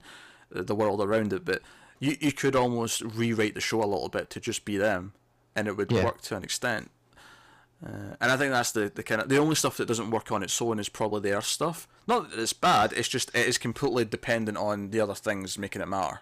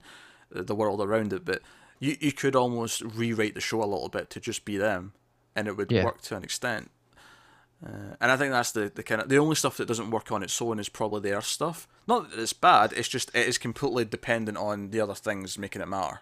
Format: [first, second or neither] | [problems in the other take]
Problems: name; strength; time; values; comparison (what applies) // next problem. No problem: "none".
second | distortion; slight; 3% of the sound clipped